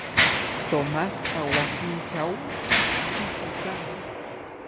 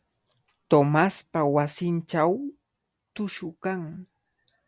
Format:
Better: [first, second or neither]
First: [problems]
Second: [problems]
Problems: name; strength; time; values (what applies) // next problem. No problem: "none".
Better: second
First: background sound (Mechanisms); 5 dB above the speech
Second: none